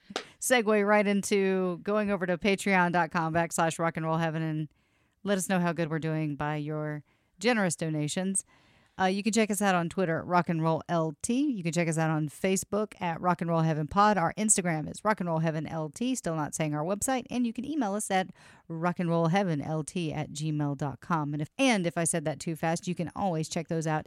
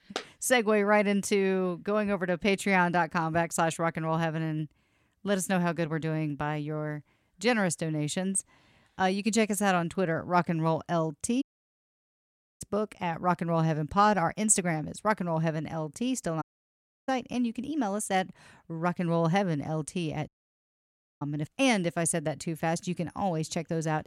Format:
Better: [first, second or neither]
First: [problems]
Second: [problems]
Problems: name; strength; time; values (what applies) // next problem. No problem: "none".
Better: first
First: none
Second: audio cutting out; at 11 s for 1 s, at 16 s for 0.5 s and at 20 s for 1 s